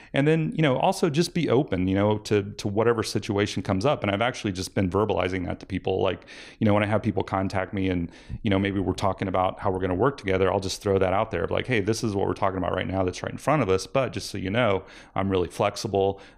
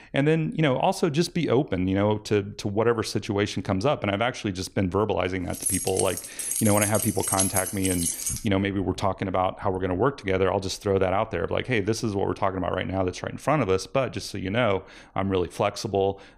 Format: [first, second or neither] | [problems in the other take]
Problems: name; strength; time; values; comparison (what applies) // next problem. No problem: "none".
first | jangling keys; loud; from 5.5 to 8.5 s; peak 2 dB above the speech